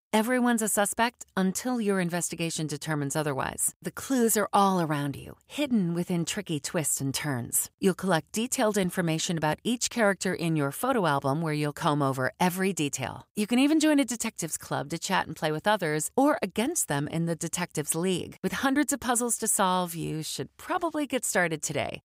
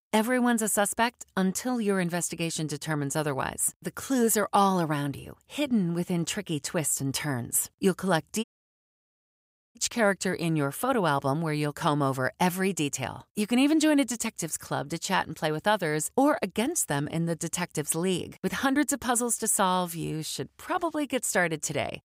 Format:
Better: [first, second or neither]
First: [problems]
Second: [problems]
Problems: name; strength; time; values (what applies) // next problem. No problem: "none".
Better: first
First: none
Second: audio cutting out; at 8.5 s for 1.5 s